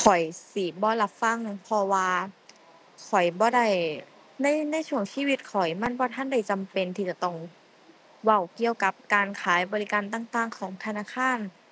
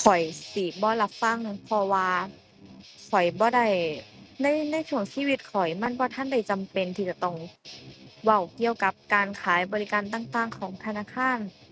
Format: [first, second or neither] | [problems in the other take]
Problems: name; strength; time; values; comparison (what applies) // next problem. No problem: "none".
first | noise reduction (neural mask model RNNoise)